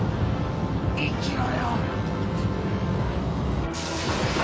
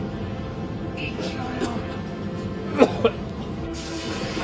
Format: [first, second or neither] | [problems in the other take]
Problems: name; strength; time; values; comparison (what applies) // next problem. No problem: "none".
first | background sound (Cough); 3 dB above the speech // room echo; dies away in 2 s